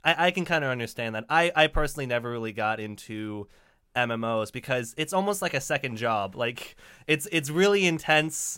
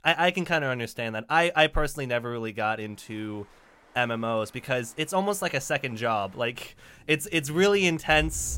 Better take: first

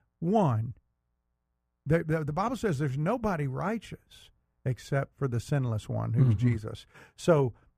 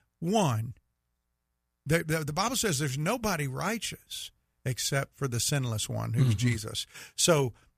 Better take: second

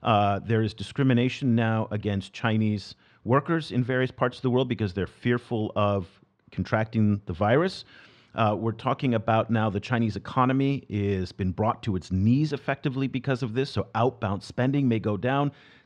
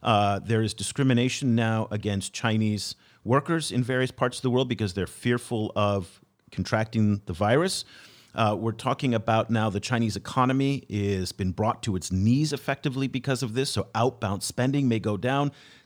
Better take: second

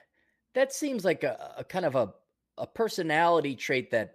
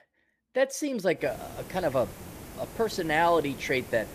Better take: first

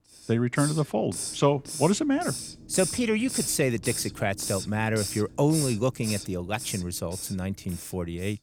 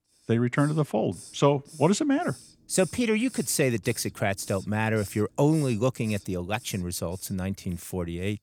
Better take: second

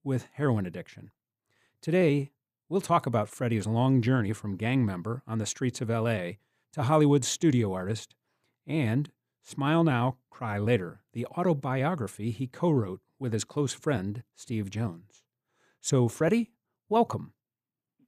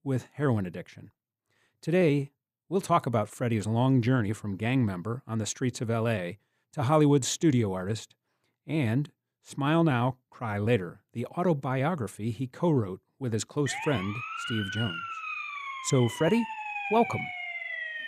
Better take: first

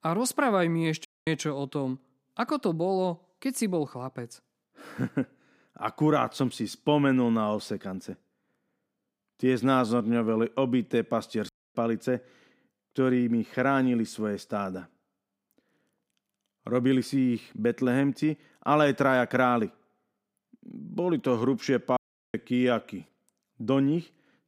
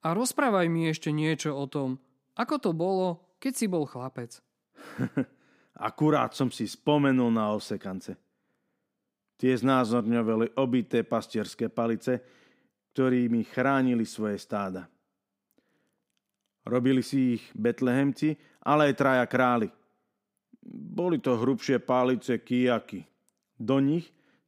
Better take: second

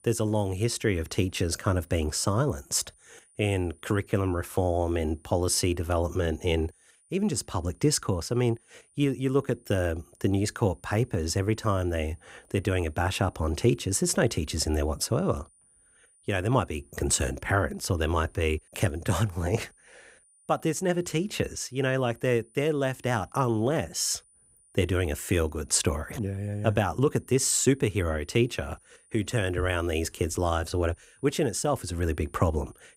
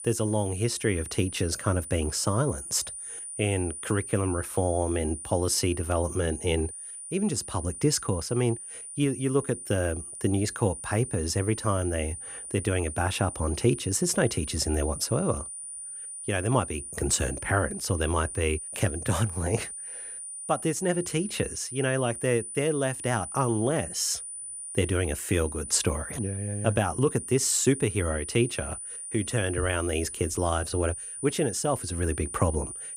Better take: first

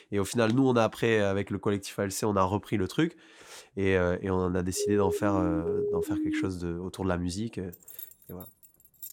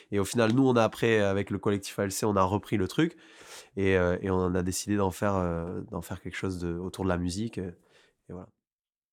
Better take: second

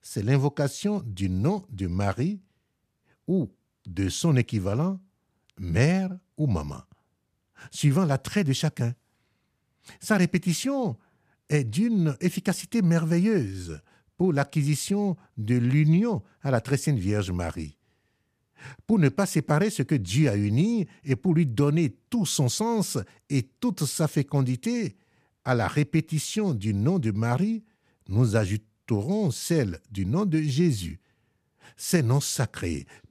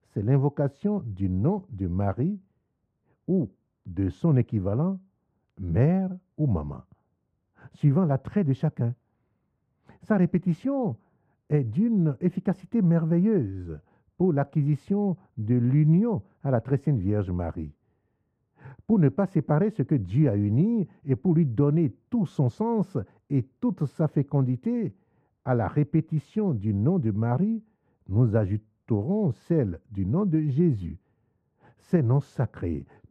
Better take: first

